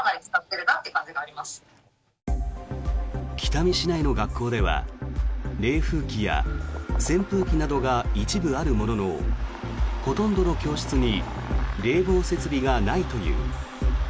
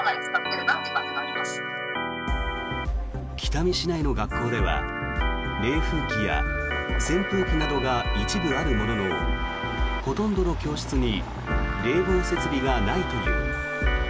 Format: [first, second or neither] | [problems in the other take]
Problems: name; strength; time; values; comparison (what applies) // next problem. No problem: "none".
first | background sound (Organ); 5 dB below the speech